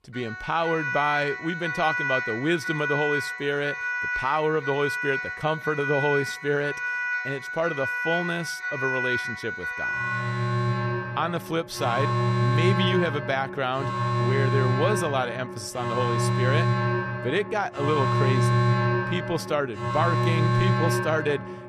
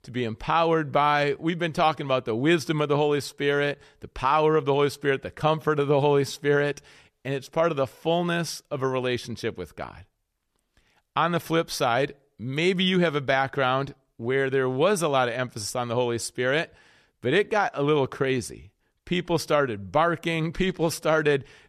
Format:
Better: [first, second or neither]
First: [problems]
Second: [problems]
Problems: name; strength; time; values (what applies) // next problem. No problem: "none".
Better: second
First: alarms or sirens; very loud; throughout; 1 dB above the speech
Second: none